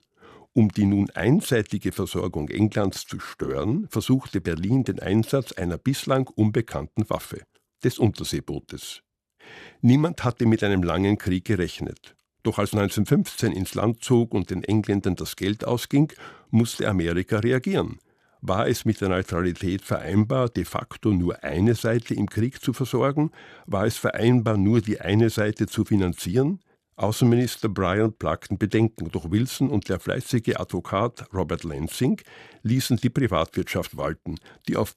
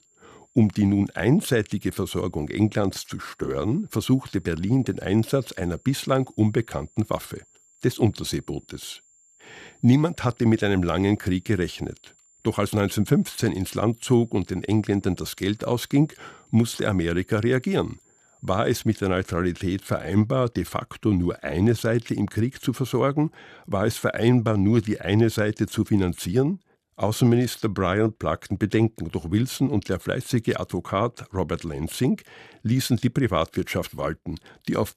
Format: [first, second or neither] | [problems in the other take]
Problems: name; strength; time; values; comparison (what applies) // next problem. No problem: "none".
first | high-pitched whine; faint; until 19 s; 7.5 kHz, 35 dB below the speech